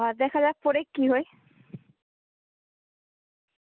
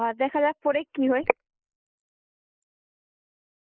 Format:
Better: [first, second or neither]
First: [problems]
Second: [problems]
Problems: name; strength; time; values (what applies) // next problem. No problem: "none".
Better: first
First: none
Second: noise reduction (neural mask model Resemble Enhance denoiser)